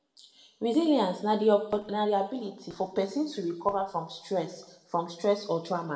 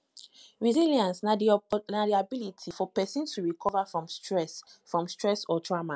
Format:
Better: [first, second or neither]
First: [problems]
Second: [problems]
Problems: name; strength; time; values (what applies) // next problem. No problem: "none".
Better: second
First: room echo; dies away in 0.7 s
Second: none